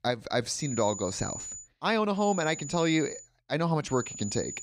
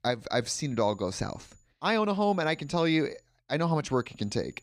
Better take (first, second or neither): second